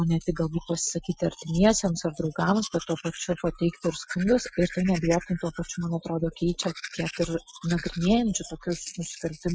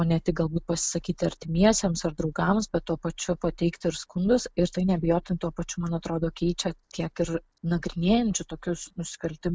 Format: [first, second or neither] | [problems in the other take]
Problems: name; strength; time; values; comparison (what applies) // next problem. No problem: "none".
second | noise reduction (classical method Wiener filter)